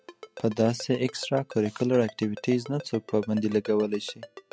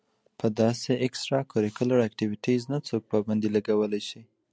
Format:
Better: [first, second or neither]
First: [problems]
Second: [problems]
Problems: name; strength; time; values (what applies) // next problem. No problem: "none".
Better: second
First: background sound (Ringtone); 18 dB below the speech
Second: none